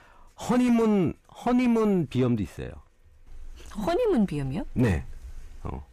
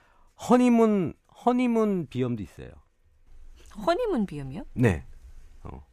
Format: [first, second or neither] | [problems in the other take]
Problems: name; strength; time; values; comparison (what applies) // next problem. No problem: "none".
second | distortion; heavy; 5 dB below the speech